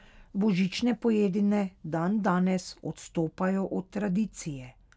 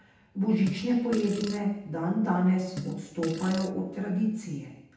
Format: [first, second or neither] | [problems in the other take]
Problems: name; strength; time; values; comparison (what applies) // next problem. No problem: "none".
first | background sound (Fart); 12 dB below the speech // room echo; dies away in 0.8 s